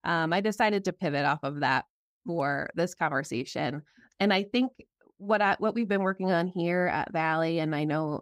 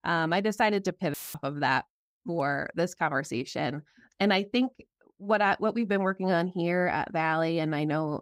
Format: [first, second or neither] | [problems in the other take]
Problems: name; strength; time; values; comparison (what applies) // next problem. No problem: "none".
first | audio cutting out; filled with static; at 1 s